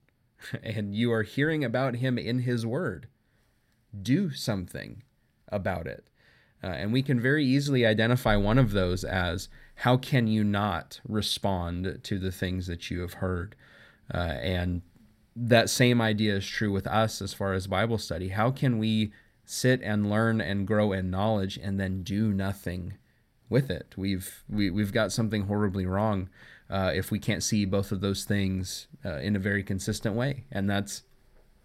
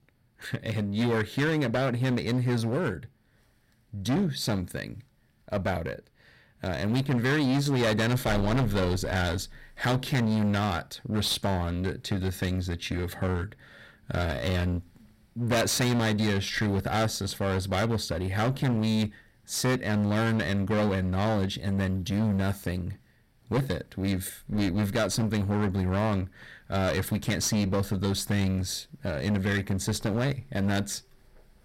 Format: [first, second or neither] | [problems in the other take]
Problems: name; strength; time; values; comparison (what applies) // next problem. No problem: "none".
first | distortion; heavy; 17% of the sound clipped